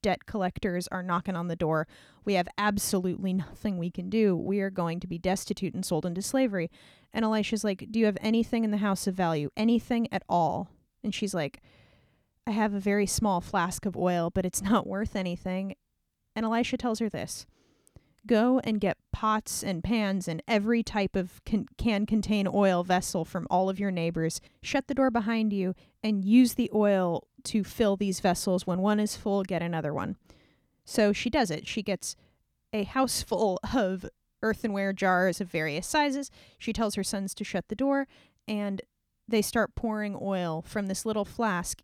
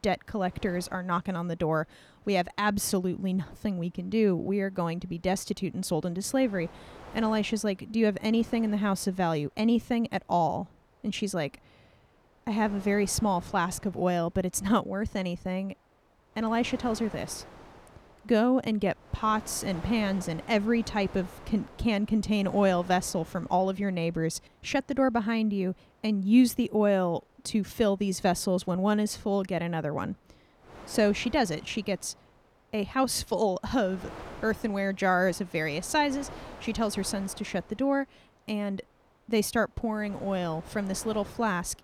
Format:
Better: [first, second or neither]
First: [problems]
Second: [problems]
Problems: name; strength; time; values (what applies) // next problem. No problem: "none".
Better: first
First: none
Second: wind noise on the microphone; occasional gusts; 20 dB below the speech